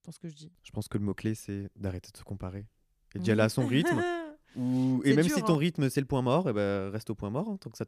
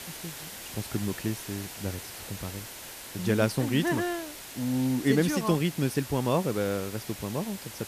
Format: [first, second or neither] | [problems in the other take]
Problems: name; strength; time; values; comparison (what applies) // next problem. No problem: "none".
first | hiss; noticeable; throughout; 10 dB below the speech